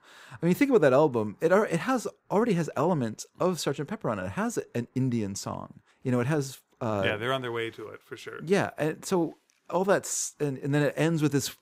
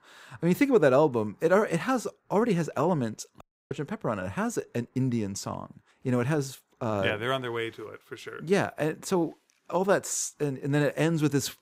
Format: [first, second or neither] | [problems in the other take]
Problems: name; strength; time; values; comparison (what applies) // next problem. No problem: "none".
first | audio cutting out; at 3.5 s